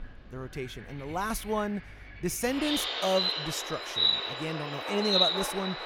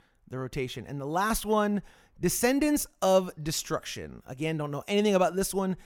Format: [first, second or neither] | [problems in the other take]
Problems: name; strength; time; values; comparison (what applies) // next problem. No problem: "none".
second | animal sounds; very loud; throughout; 4 dB above the speech